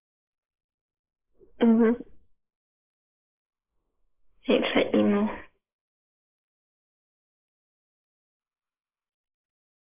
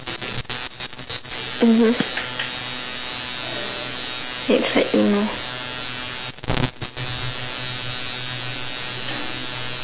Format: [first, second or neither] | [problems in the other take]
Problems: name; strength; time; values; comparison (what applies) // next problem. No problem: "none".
second | noise reduction (neural mask model Resemble Enhance denoiser)